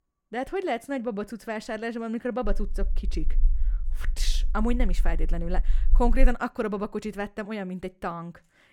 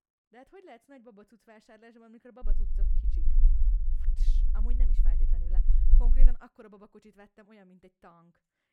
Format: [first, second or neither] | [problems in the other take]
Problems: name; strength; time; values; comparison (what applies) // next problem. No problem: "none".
first | low rumble; loud; from 2.5 to 6.5 s; 2 dB below the speech; faint in the first